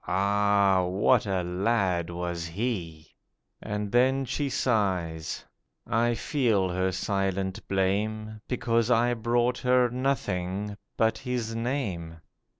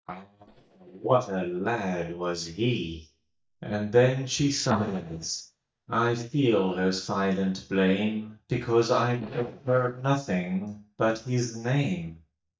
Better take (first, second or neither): first